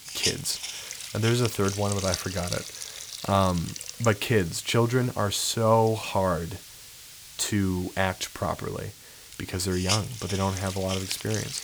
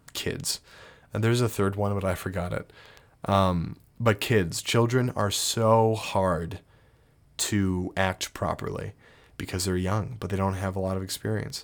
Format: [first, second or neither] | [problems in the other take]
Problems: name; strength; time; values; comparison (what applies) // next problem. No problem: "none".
second | hiss; loud; throughout; 8 dB below the speech